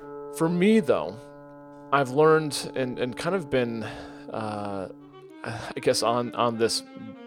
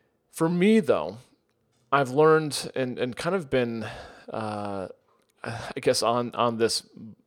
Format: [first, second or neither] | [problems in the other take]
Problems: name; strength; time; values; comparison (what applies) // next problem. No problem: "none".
second | background music; noticeable; throughout; 20 dB below the speech